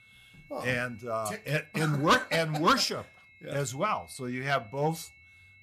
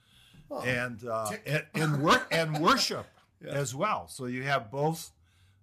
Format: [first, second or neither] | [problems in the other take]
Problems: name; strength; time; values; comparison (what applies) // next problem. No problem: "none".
second | high-pitched whine; faint; throughout; 2 kHz, 25 dB below the speech